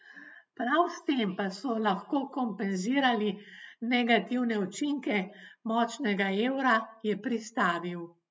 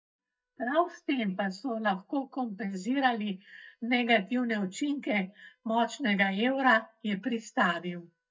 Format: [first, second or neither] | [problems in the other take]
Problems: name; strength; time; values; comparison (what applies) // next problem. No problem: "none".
first | noise reduction (neural mask model DeepFilterNet 3)